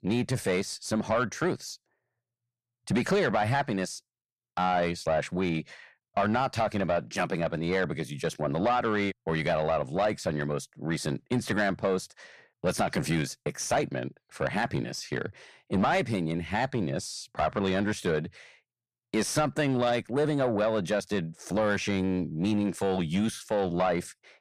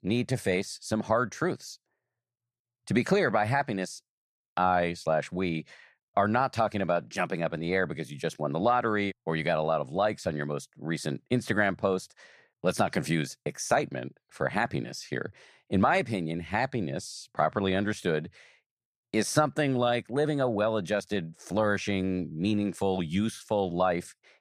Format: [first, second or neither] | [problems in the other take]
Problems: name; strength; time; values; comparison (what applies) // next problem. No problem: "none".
second | distortion; slight; 10 dB below the speech